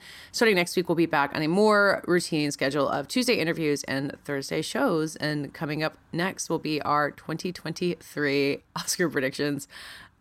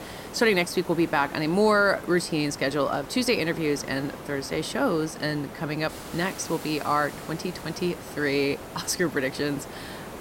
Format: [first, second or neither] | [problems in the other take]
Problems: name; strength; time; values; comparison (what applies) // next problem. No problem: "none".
first | hiss; noticeable; throughout; 15 dB below the speech